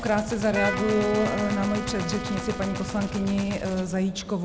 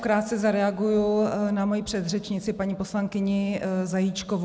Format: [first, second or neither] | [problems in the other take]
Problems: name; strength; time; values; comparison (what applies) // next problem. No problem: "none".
second | background sound (Gunshot, gunfire + Wind instrument, woodwind instrument); 6 dB below the speech